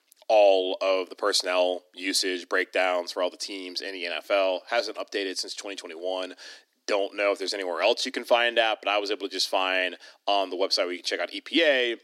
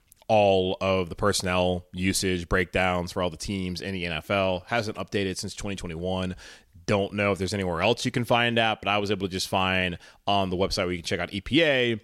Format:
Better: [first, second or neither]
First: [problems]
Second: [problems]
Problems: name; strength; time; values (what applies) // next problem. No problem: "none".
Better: second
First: thin; somewhat; fading below 250 Hz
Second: none